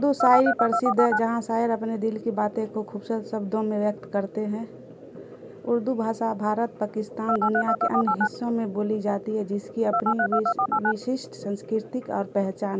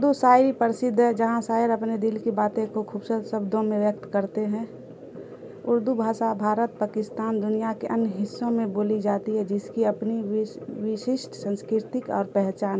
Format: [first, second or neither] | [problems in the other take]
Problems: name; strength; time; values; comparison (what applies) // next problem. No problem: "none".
second | background sound (Telephone); 2 dB above the speech